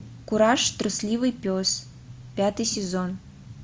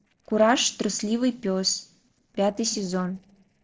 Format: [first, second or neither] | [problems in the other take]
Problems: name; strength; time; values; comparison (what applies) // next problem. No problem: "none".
first | noise reduction (neural separator model SepFormer DNS4)